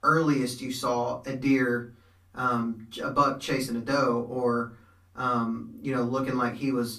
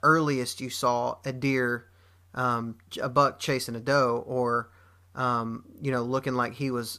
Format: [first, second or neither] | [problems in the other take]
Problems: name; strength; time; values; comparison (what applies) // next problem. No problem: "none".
second | off-mic speech; far // room echo; very slight; dies away in 0.2 s